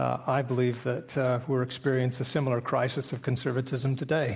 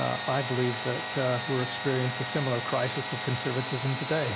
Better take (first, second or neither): first